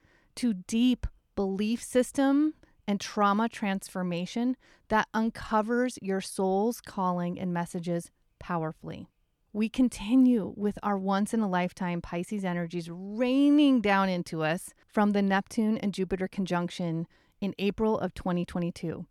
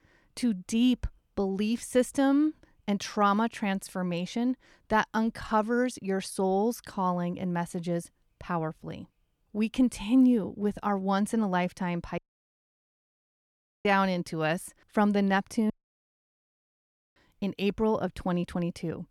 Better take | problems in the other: first | audio cutting out; at 12 s for 1.5 s and at 16 s for 1.5 s

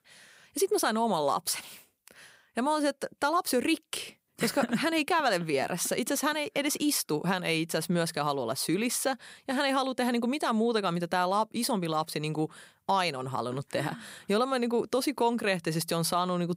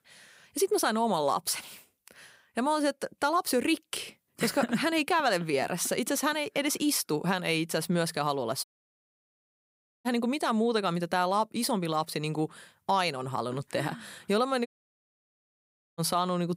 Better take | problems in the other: first | audio cutting out; at 8.5 s for 1.5 s and at 15 s for 1.5 s

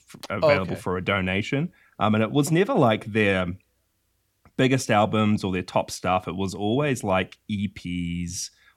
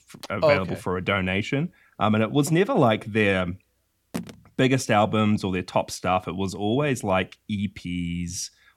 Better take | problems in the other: first | phone ringing; faint; at 4 s; peak 10 dB below the speech

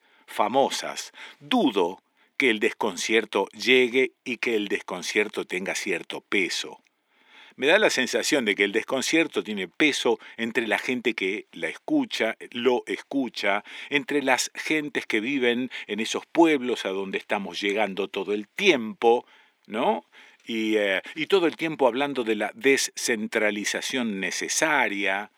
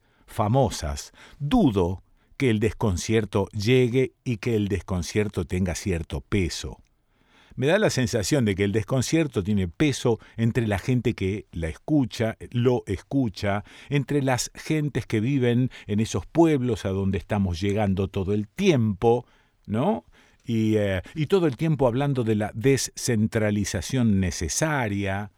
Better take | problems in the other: second | thin; somewhat; fading below 250 Hz

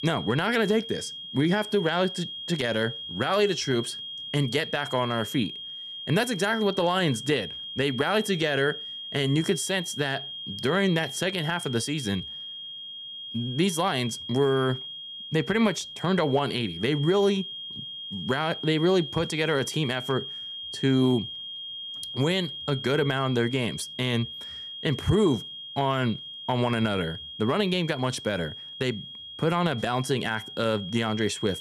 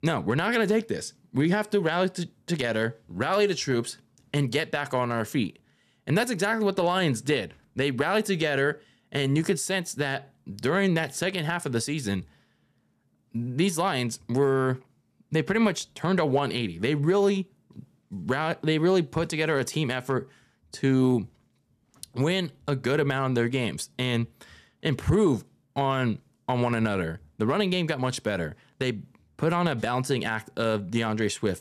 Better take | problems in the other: second | high-pitched whine; loud; throughout; 3.5 kHz, 9 dB below the speech

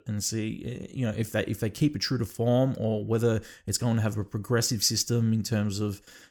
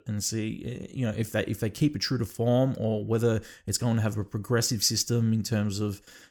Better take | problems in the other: neither | none

